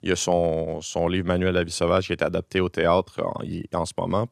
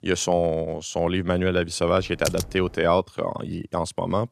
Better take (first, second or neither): first